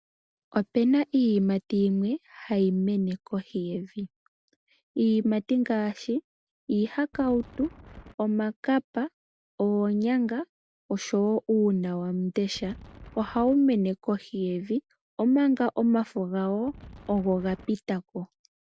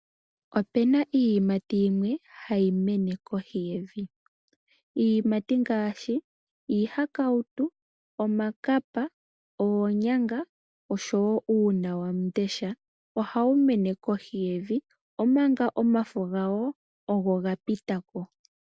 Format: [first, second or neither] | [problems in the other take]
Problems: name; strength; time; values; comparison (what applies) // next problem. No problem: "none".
second | background sound (Wind); 19 dB below the speech